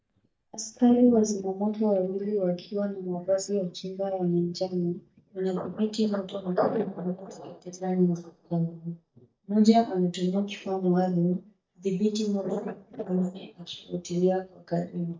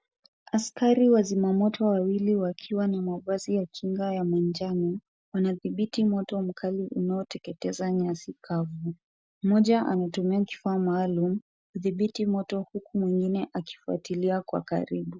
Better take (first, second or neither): second